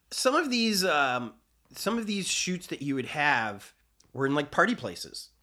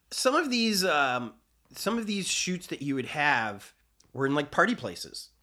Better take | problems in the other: neither | none

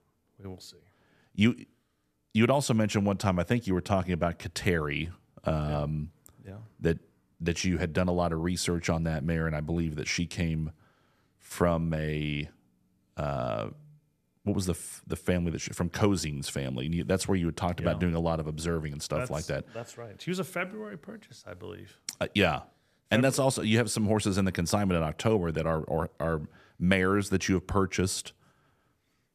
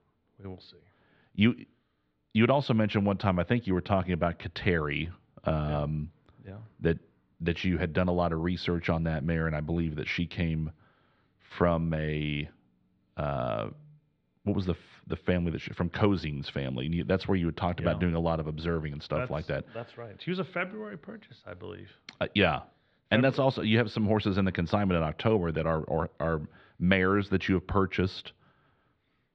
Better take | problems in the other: first | muffled; slightly; fading above 4 kHz

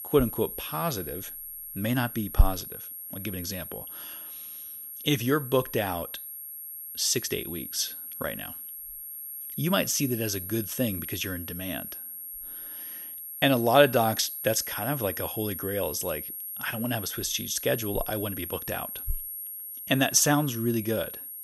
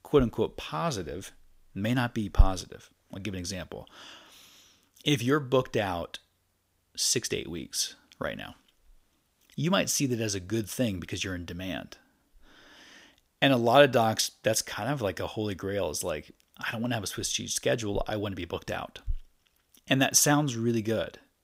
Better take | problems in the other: second | high-pitched whine; loud; throughout; 11.5 kHz, 8 dB below the speech

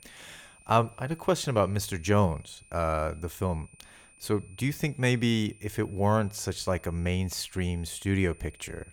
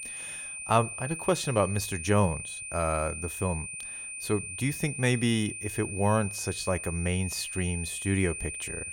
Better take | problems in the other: first | high-pitched whine; loud; throughout; 2.5 kHz, 6 dB below the speech; faint in the first

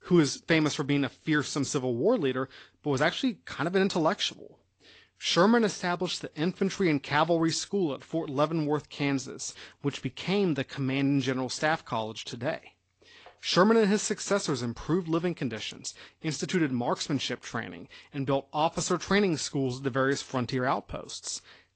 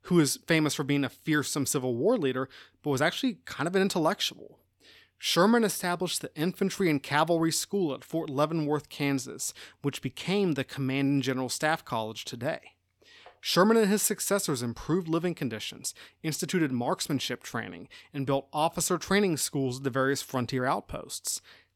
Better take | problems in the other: second | garbled, watery; slightly; nothing above 8 kHz

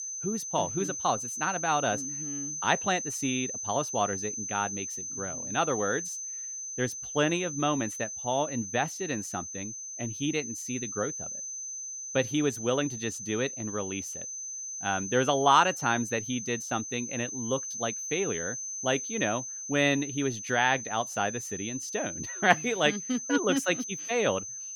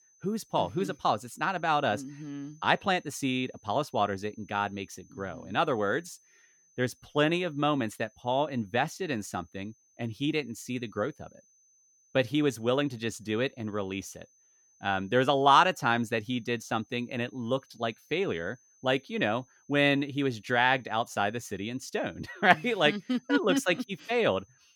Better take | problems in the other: second | high-pitched whine; loud; throughout; 6 kHz, 5 dB below the speech; faint in the second

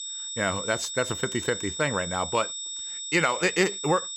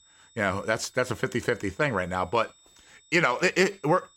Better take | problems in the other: second | high-pitched whine; loud; throughout; 3.5 kHz, 5 dB below the speech; faint in the second

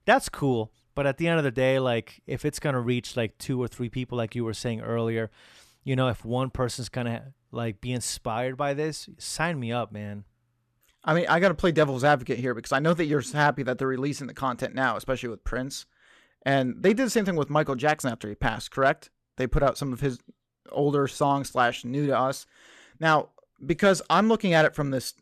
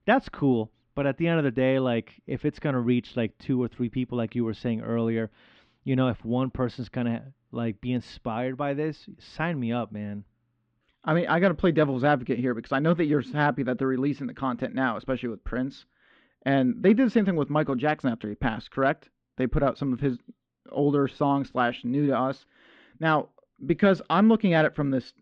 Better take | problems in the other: first | muffled; slightly; fading above 3.5 kHz

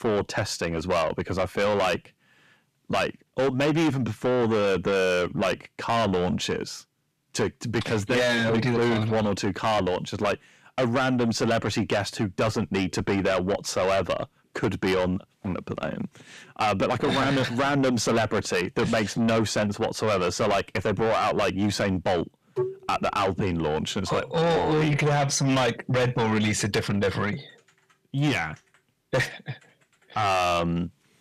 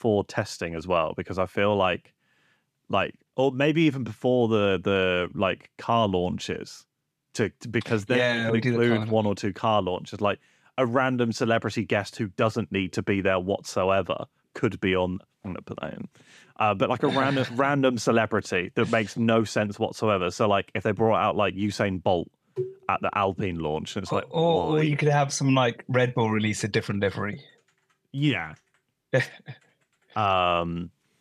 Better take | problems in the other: second | distortion; heavy; 6 dB below the speech

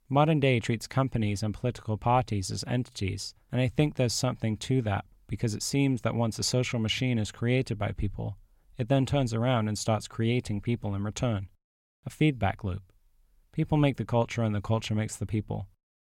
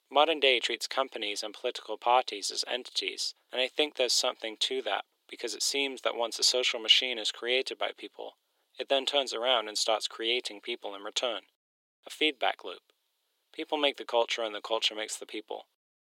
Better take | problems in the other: first | thin; very; fading below 350 Hz

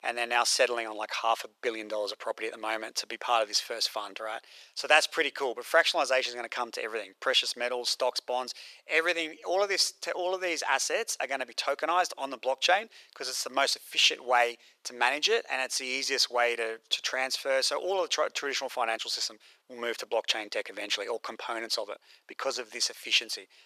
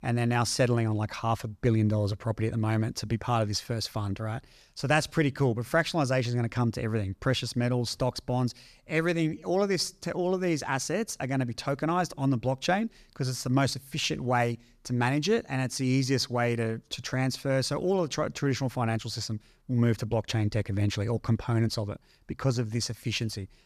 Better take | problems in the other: second | thin; very; fading below 500 Hz

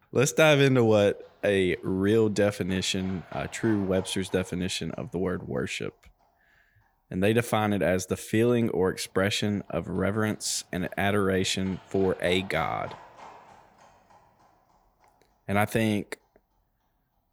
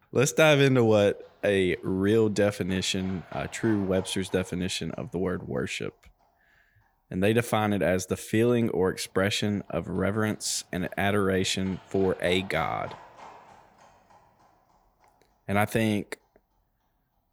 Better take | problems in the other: neither | animal sounds; faint; throughout; 25 dB below the speech; the same in both

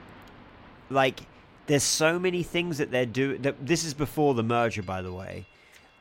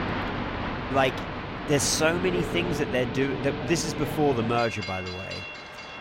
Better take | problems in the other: first | train or aircraft noise; loud; throughout; 6 dB below the speech; faint in the first

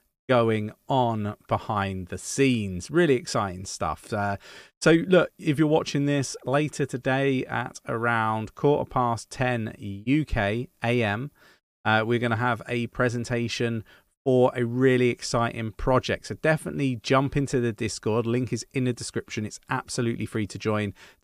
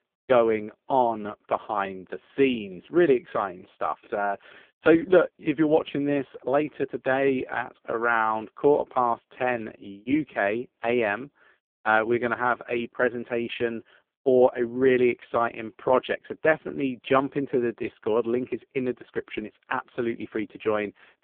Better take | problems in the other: first | phone-call audio; poor line

